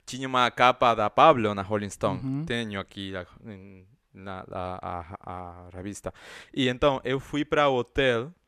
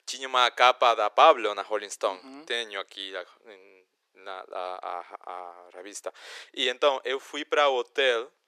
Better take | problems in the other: first | thin; very; fading below 400 Hz

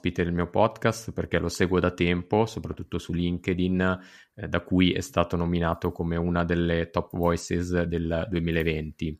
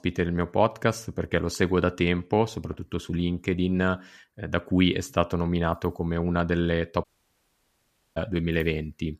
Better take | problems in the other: first | audio cutting out; at 7 s for 1 s

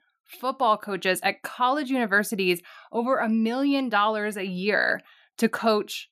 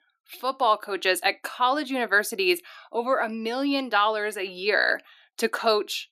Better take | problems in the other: first | thin; very slightly; fading below 300 Hz

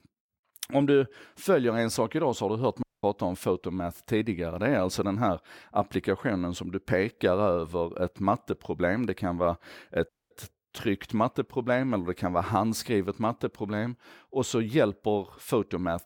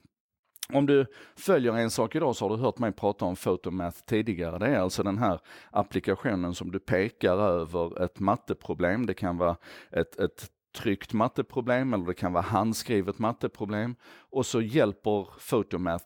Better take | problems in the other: second | audio cutting out; at 3 s and at 10 s

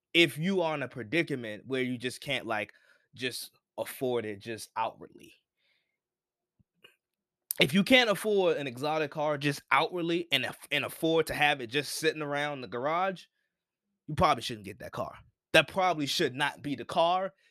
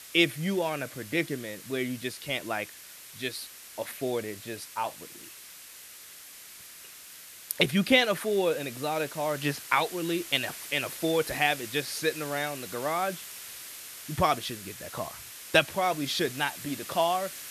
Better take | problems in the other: first | hiss; noticeable; throughout; 10 dB below the speech

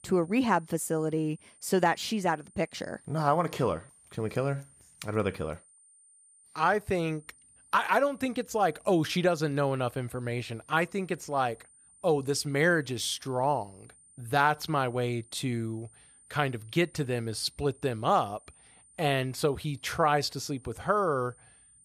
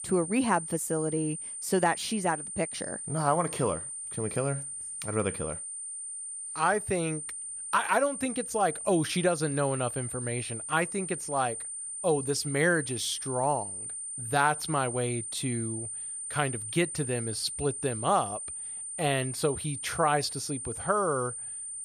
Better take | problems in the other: first | high-pitched whine; loud; throughout; 9 kHz, 5 dB below the speech; faint in the first

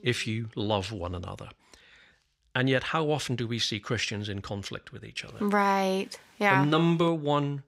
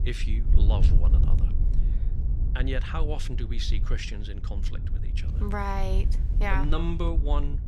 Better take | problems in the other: first | wind noise on the microphone; occasional gusts; 10 dB below the speech

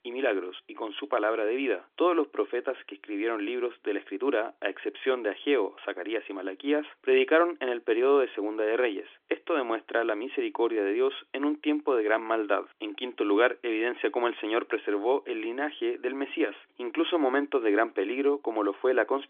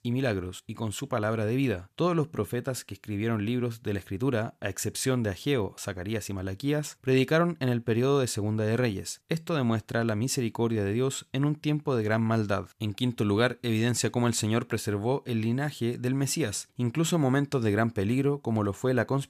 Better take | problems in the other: second | phone-call audio; nothing above 3.5 kHz

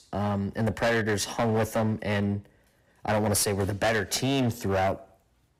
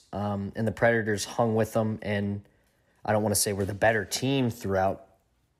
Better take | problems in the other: second | distortion; heavy; 14% of the sound clipped

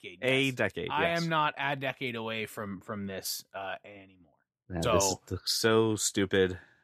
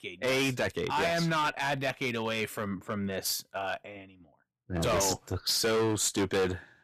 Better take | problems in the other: first | distortion; heavy; 12% of the sound clipped

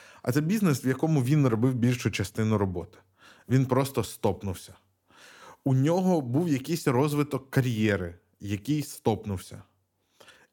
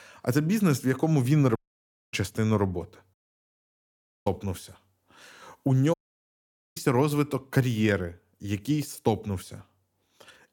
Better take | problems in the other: first | audio cutting out; at 1.5 s for 0.5 s, at 3 s for 1 s and at 6 s for 1 s

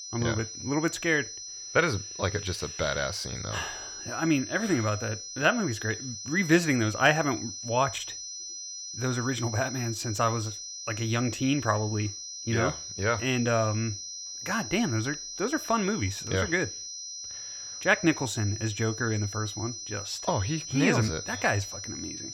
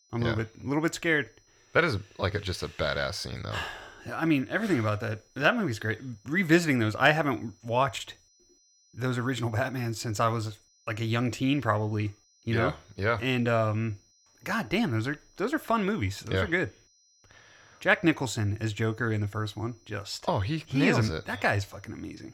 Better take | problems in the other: second | high-pitched whine; loud; throughout; 6 kHz, 8 dB below the speech; faint in the second

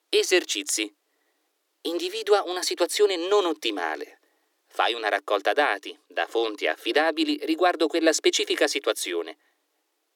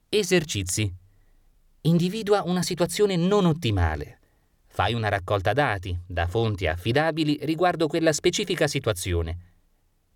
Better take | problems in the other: second | thin; very; fading below 300 Hz

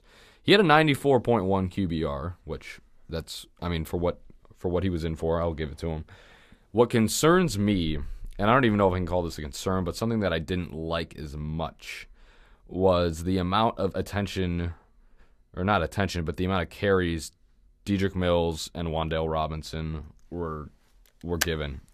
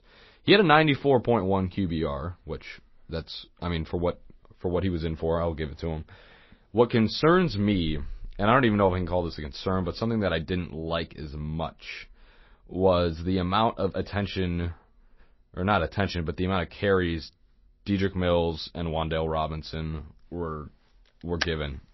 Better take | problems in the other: first | garbled, watery; slightly; nothing above 5.5 kHz

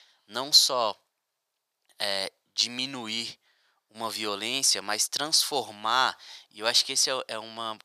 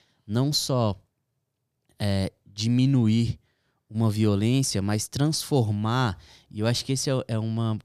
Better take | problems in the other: second | thin; very; fading below 900 Hz

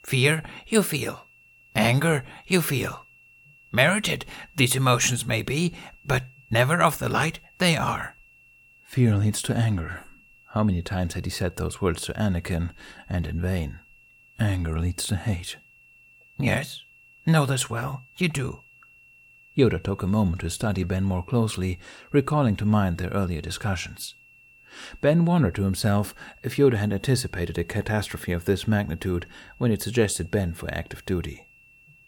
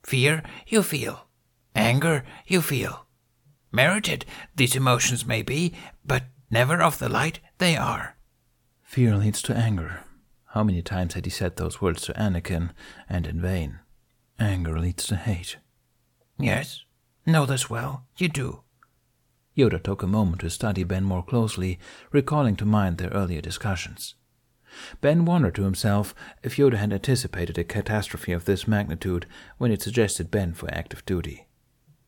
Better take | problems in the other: second | high-pitched whine; faint; throughout; 2.5 kHz, 25 dB below the speech

